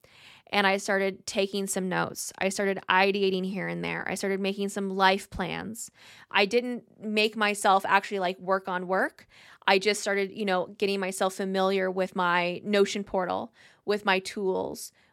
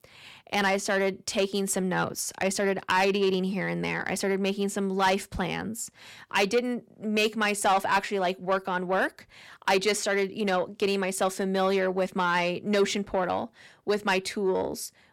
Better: first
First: none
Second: distortion; slight; 10 dB below the speech

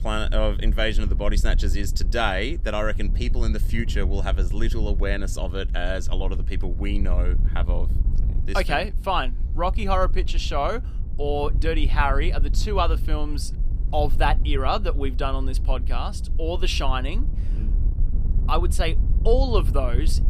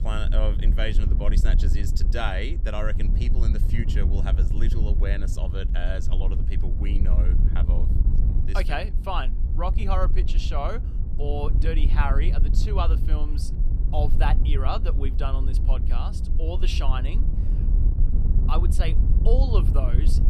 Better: first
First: wind noise on the microphone; occasional gusts; 20 dB below the speech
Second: wind noise on the microphone; heavy; 9 dB below the speech

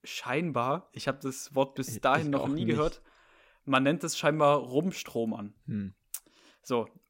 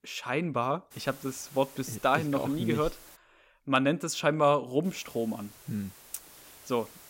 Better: first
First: none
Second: hiss; faint; from 1 to 3 s and from 5 s on; 20 dB below the speech

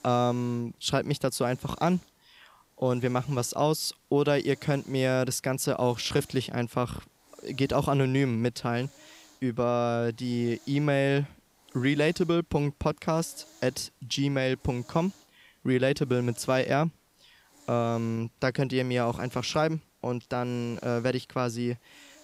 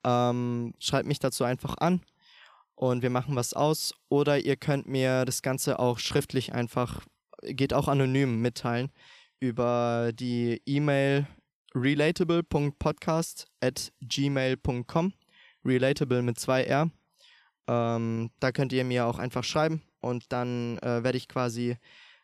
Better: second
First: hiss; faint; throughout; 30 dB below the speech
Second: none

